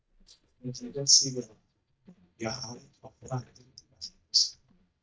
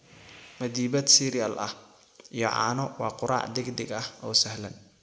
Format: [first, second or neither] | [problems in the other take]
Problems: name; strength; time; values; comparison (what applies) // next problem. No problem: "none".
second | noise reduction (neural mask model DeepFilterNet 3)